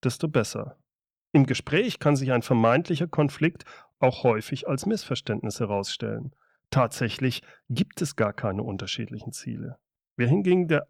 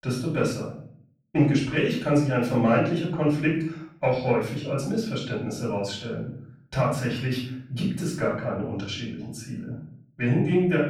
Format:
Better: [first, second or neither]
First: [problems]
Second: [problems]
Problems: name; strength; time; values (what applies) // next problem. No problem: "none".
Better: first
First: none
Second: off-mic speech; far // room echo; noticeable; dies away in 0.5 s